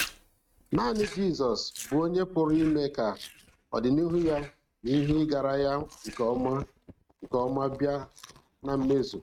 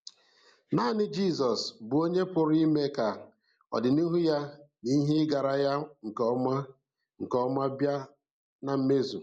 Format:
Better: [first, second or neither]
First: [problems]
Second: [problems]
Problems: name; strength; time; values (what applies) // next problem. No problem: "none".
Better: second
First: noise reduction (neural mask model RNNoise)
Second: none